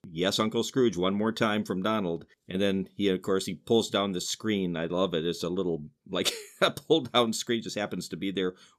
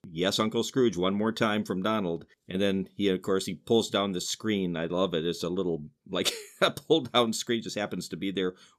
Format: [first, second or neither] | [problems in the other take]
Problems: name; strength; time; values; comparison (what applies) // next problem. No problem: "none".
neither | none